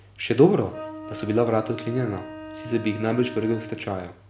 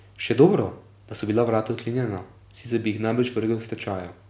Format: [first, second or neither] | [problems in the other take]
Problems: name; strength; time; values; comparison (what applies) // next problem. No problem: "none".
second | background sound (Wind instrument, woodwind instrument); 14 dB below the speech